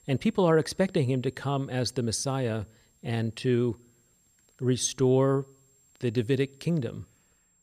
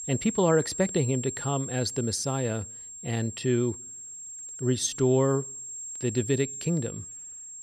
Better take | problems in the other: first | high-pitched whine; loud; throughout; 7.5 kHz, 9 dB below the speech; faint in the first

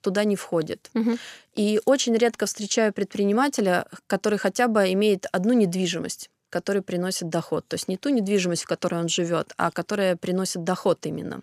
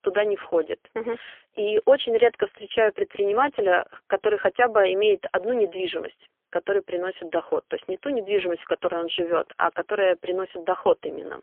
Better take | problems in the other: first | phone-call audio; poor line; nothing above 3.5 kHz

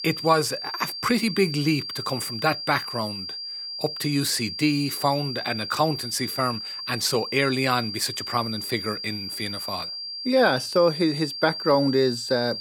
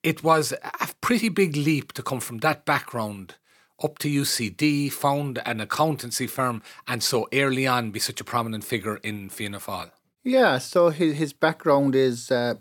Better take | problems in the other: second | high-pitched whine; loud; throughout; 4.5 kHz, 6 dB below the speech

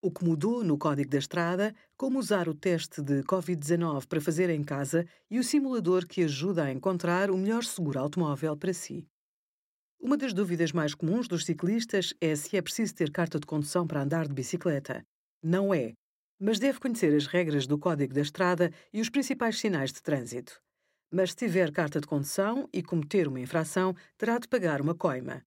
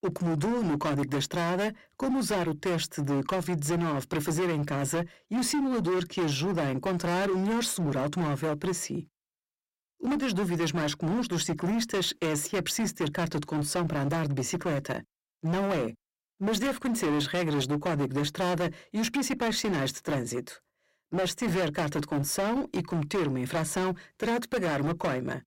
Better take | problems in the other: first | distortion; heavy; 23% of the sound clipped

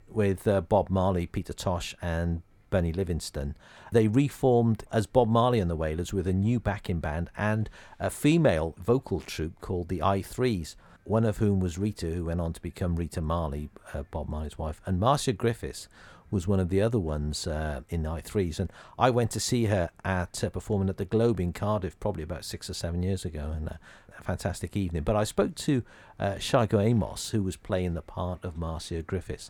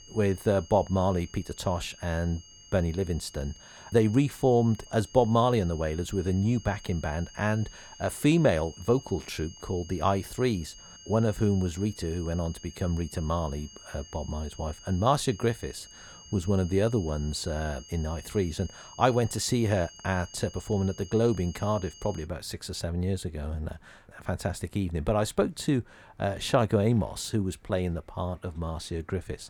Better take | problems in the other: first | high-pitched whine; noticeable; until 22 s; 6.5 kHz, 20 dB below the speech

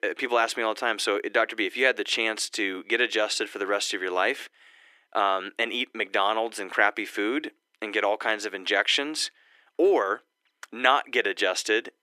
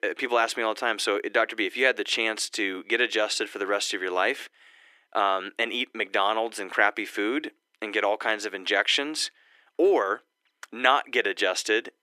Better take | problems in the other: neither | thin; very; fading below 300 Hz; the same in both

